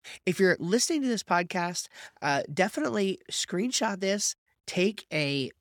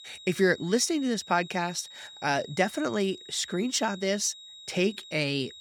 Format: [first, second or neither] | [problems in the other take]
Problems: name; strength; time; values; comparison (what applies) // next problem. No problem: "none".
first | high-pitched whine; noticeable; throughout; 4 kHz, 15 dB below the speech